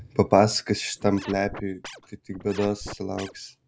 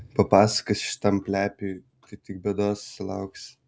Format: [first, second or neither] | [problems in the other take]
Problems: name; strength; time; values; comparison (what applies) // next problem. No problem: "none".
second | background sound (Scratching (performance technique)); 16 dB below the speech